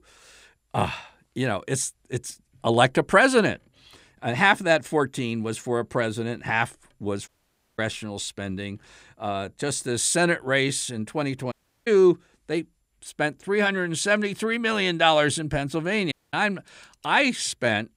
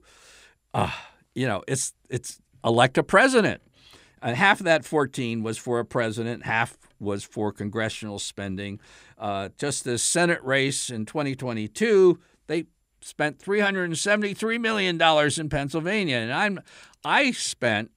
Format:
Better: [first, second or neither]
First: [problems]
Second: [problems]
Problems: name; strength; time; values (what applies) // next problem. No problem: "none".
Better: second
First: audio cutting out; at 7.5 s for 0.5 s, at 12 s and at 16 s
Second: none